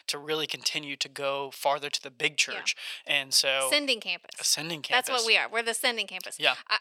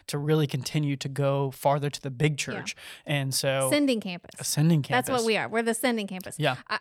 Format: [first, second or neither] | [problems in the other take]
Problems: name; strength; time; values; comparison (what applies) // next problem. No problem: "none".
second | thin; very; fading below 500 Hz